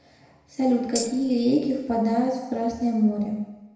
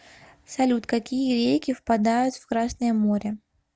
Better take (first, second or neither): second